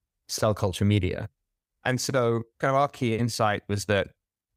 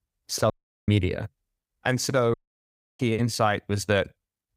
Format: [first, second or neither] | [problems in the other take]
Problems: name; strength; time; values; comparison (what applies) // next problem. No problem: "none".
first | audio cutting out; at 0.5 s and at 2.5 s for 0.5 s